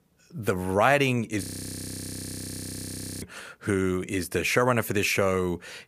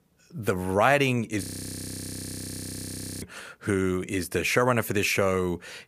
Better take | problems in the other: neither | audio freezing; at 1.5 s for 2 s; the same in both

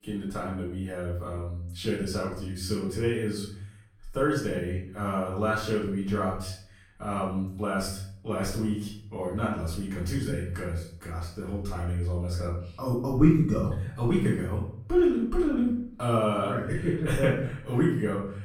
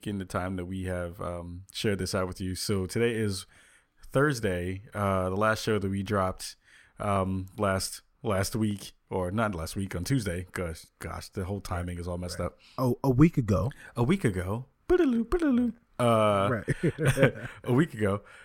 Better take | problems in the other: second | room echo; noticeable; dies away in 0.5 s // off-mic speech; far

